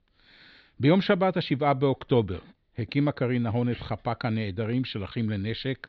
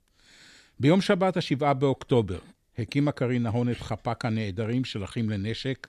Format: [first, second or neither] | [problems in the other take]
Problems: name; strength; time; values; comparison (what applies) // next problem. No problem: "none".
second | muffled; very slightly; fading above 4 kHz